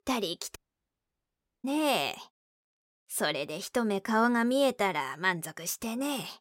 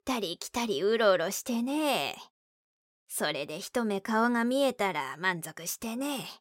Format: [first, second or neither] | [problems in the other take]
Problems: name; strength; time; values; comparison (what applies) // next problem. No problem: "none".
second | audio cutting out; at 0.5 s for 1 s